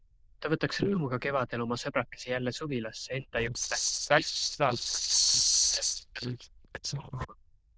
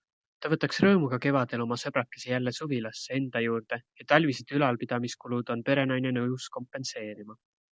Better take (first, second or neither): second